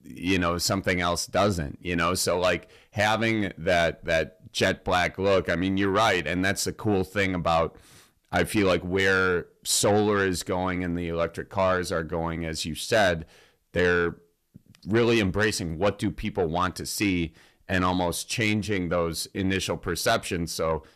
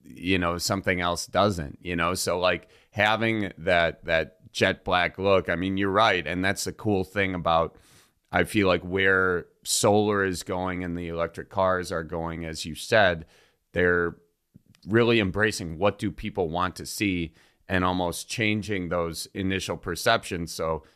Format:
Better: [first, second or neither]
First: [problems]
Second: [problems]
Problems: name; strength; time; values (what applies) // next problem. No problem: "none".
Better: second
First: distortion; slight; 10 dB below the speech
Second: none